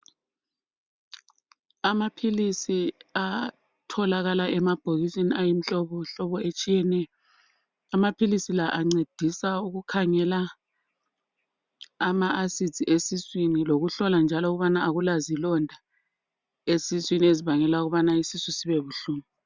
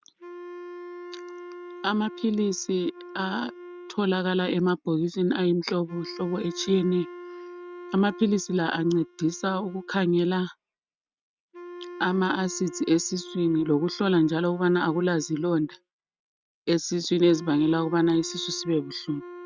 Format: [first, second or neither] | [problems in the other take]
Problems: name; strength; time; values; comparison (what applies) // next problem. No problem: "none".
first | noise reduction (neural mask model RNNoise)